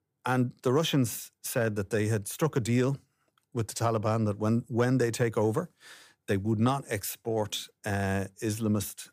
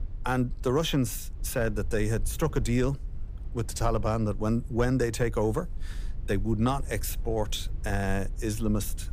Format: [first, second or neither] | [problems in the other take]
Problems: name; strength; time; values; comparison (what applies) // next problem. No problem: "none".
first | low rumble; faint; throughout; 25 dB below the speech